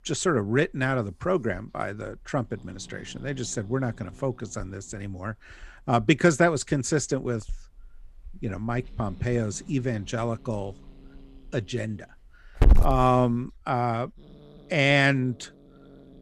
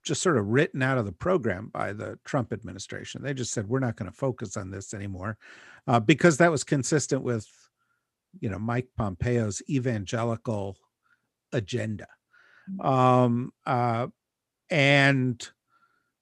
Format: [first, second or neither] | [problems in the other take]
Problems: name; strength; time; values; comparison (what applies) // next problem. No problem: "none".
second | hiss; loud; throughout; 1 dB below the speech